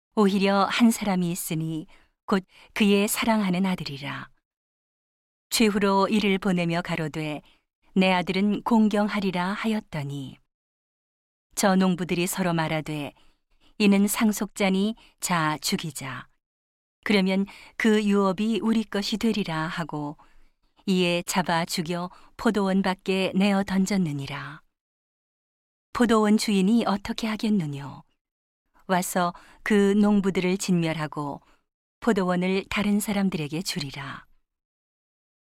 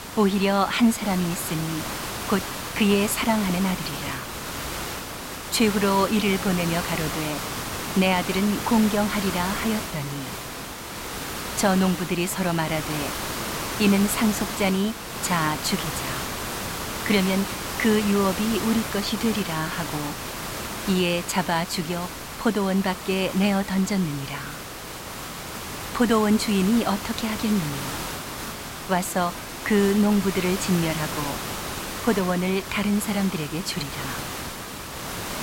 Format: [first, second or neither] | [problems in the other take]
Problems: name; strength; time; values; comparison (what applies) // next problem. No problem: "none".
first | hiss; loud; throughout; 7 dB below the speech